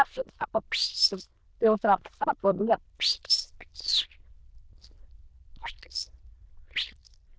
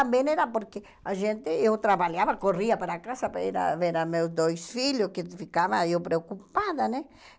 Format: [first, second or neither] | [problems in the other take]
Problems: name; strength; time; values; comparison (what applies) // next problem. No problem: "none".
second | noise reduction (neural diffusion model UNIVERSE++)